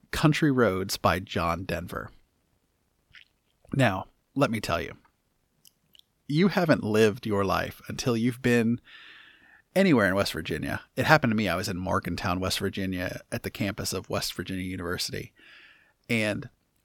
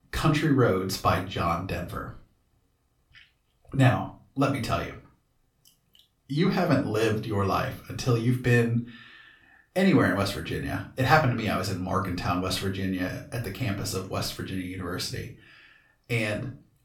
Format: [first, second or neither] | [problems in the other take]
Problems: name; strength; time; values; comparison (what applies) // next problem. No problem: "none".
first | off-mic speech; far // room echo; slight; dies away in 0.3 s